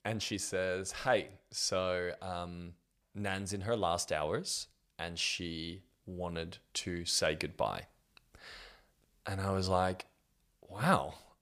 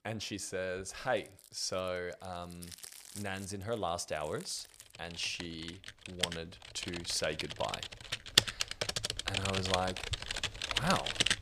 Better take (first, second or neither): first